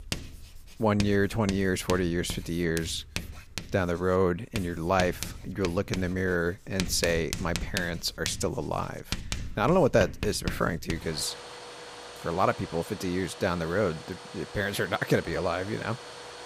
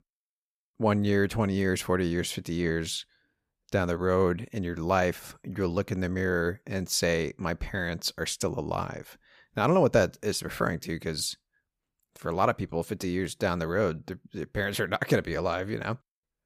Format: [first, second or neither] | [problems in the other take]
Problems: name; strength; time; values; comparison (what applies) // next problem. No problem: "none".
second | household noises; noticeable; throughout; 10 dB below the speech